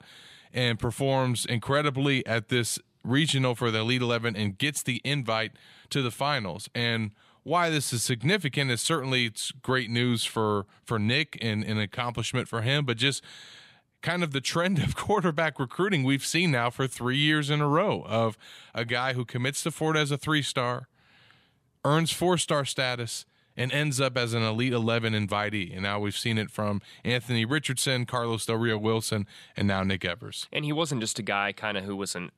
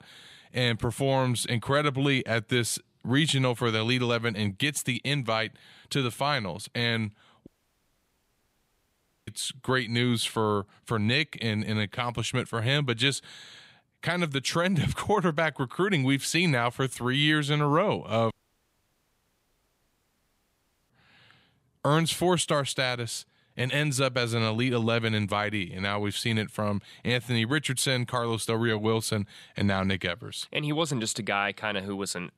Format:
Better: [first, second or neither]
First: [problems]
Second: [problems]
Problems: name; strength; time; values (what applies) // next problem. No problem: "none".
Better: first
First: none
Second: audio cutting out; at 7.5 s for 2 s and at 18 s for 2.5 s